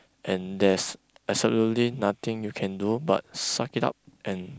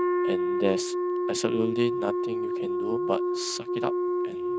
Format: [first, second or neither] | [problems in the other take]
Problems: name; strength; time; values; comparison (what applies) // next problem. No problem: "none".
first | noise reduction (neural mask model RNNoise)